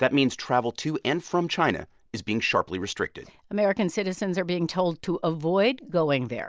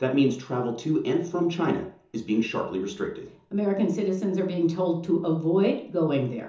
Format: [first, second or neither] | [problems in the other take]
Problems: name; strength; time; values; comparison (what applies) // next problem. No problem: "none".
first | room echo; dies away in 0.6 s